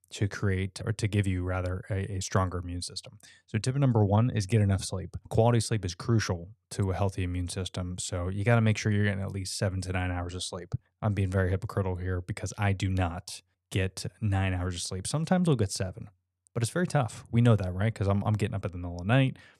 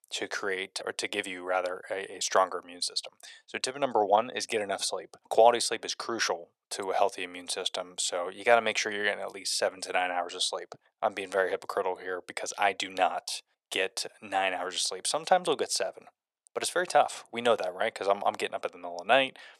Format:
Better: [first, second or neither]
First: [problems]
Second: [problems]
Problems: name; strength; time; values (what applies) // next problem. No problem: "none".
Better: first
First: none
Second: thin; very; fading below 450 Hz